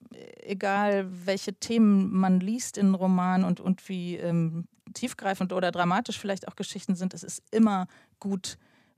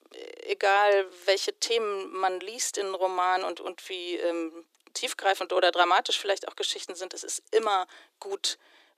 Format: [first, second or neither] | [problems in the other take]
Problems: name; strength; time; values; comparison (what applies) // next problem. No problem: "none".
first | thin; very; fading below 300 Hz